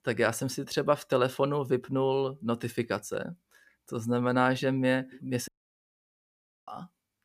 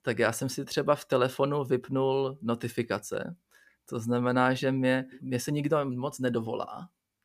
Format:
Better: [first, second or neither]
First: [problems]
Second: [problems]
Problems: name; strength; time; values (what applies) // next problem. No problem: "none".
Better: second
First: audio cutting out; at 5.5 s for 1 s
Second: none